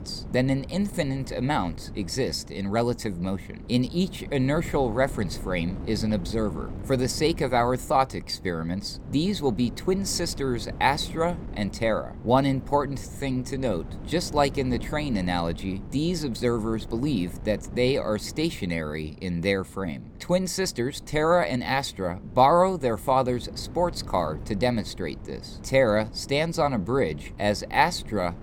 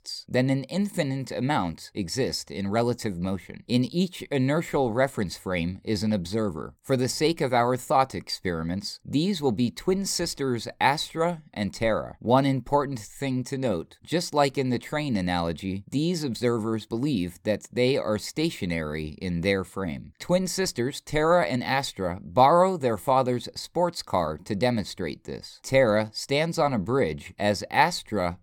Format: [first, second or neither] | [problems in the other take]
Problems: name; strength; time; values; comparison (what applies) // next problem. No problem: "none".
second | wind noise on the microphone; occasional gusts; 20 dB below the speech